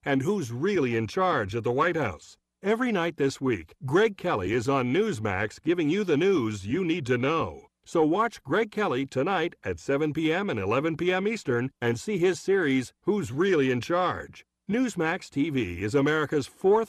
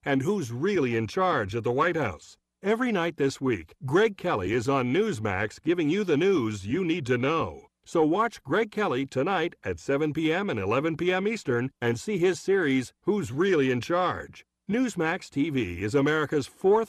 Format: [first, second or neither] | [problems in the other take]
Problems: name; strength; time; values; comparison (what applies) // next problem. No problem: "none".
neither | none